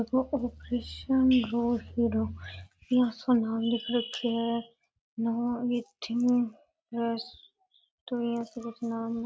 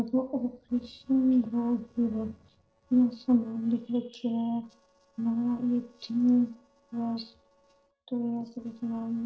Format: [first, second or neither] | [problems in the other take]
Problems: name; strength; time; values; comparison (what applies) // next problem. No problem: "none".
first | noise reduction (neural separator model SepFormer DNS4)